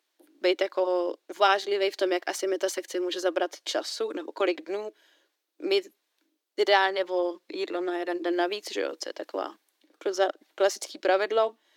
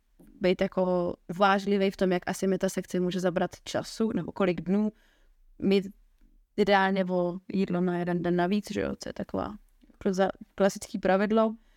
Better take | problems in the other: second | thin; very; fading below 300 Hz

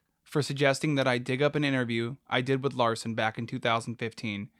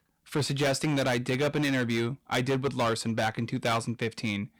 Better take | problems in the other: first | distortion; heavy; 14% of the sound clipped

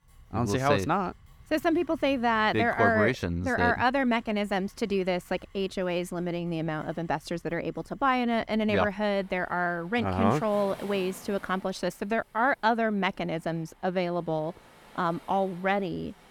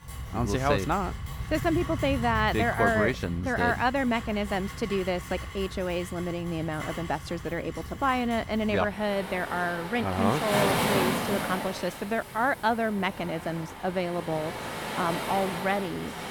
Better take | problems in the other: first | rain or running water; loud; throughout; 6 dB below the speech; faint in the first

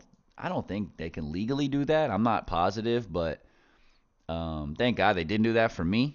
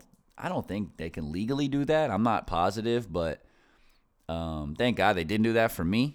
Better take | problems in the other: second | garbled, watery; slightly; nothing above 6.5 kHz

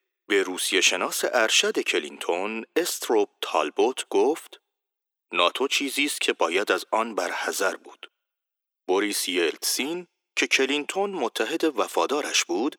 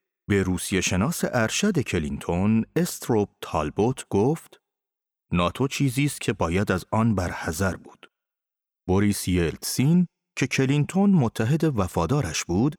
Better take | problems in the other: second | thin; very; fading below 300 Hz

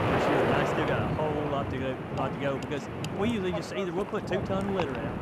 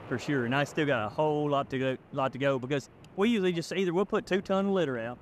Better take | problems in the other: second | wind noise on the microphone; heavy; 1 dB above the speech; occasional gusts in the second

